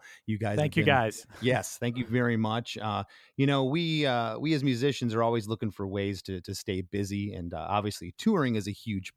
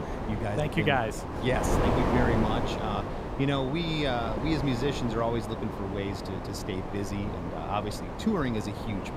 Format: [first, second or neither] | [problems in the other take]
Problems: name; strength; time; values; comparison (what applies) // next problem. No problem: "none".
first | wind noise on the microphone; heavy; 2 dB below the speech